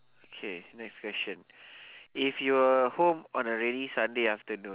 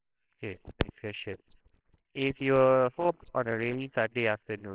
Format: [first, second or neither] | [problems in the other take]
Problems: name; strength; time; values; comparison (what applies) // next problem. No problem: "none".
first | noise reduction (neural separator model SepFormer WHAMR!)